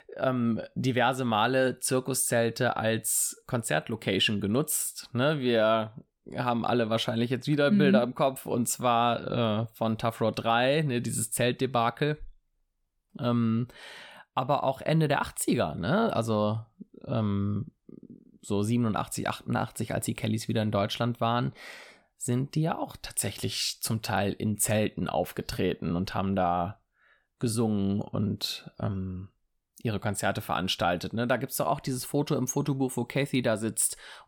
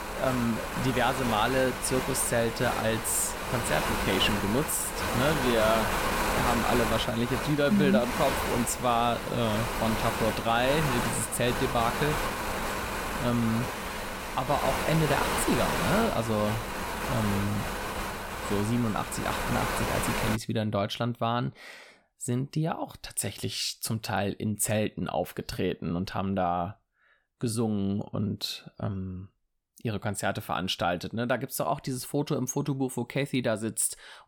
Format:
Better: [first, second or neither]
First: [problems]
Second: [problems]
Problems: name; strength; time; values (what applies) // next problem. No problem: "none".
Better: first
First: none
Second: wind noise on the microphone; heavy; until 20 s; as loud as the speech